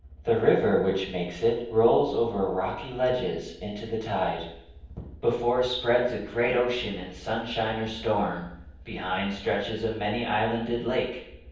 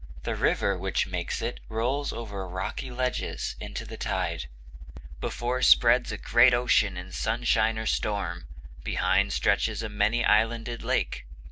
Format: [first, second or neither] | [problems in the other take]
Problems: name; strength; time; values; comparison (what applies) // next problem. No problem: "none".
second | room echo; dies away in 0.9 s